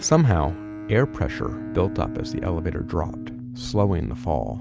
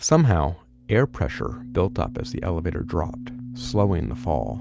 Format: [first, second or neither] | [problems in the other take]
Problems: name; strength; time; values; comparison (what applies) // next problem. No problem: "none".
second | background sound (Bowed string instrument); 13 dB below the speech